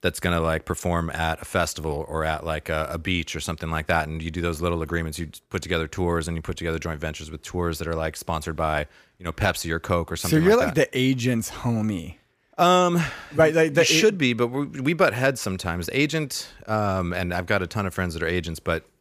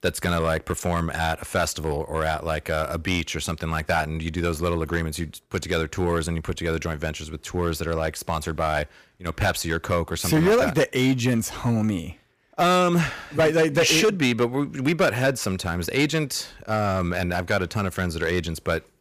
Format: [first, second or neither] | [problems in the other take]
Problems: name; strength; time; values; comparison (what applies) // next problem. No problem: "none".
first | distortion; slight; 5% of the sound clipped